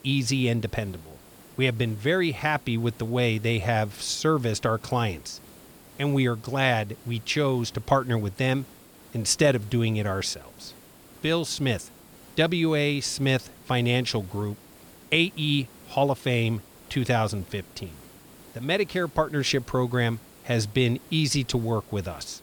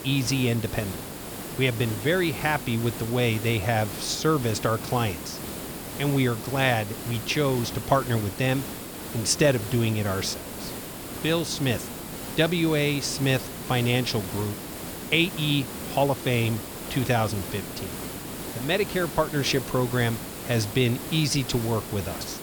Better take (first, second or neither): first